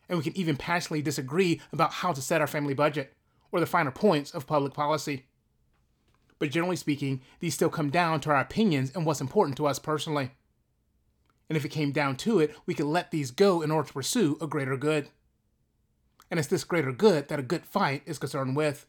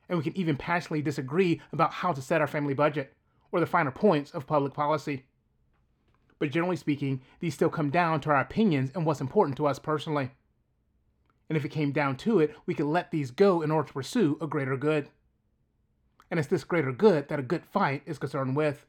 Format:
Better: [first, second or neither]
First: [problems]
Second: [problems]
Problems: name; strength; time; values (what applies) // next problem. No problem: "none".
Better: first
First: none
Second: muffled; slightly; fading above 3.5 kHz